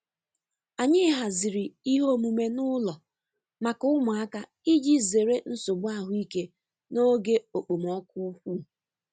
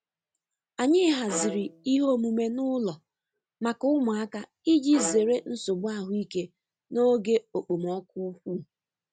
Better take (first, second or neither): first